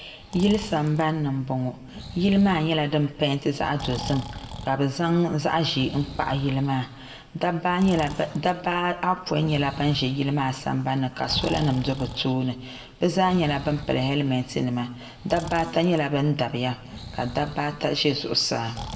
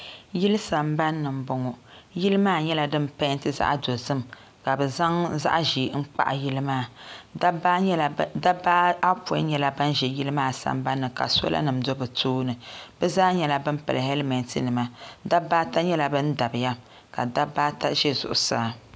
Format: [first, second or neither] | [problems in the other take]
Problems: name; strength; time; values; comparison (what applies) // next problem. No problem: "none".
second | background sound (Breathing); 16 dB below the speech // room echo; dies away in 1.4 s